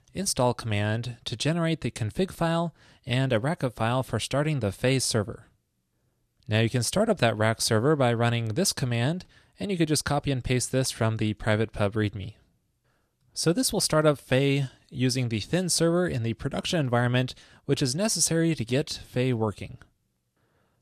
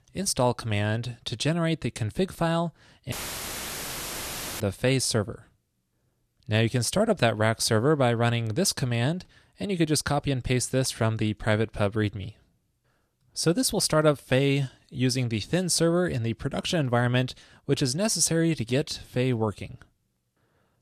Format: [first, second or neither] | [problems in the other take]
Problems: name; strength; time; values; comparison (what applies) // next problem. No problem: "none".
first | audio cutting out; filled with static; at 3 s for 1.5 s